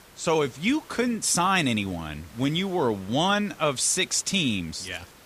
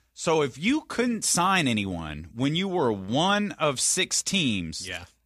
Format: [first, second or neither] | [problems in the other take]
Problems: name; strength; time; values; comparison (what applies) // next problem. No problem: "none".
second | hiss; faint; throughout; 25 dB below the speech